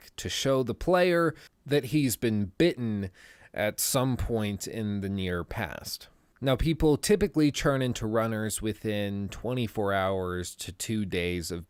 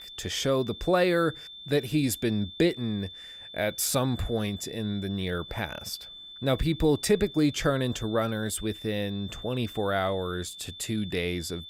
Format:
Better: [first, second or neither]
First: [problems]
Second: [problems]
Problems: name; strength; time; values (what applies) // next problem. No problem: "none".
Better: first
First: none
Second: high-pitched whine; noticeable; throughout; 3.5 kHz, 15 dB below the speech